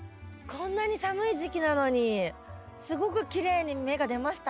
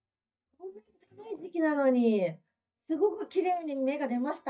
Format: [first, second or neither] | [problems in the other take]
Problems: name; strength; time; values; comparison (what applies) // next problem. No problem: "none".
first | noise reduction (neural mask model DeepFilterNet 3)